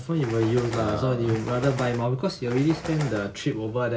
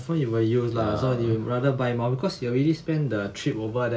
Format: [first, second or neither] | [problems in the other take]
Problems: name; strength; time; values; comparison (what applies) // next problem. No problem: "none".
second | background sound (Bird); 12 dB below the speech